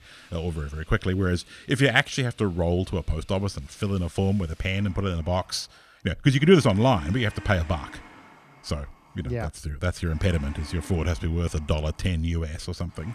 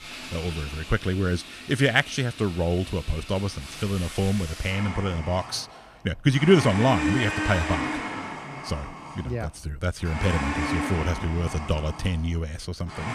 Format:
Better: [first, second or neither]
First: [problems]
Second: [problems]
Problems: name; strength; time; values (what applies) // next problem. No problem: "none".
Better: first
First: household noises; faint; throughout; 25 dB below the speech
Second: household noises; loud; throughout; 7 dB below the speech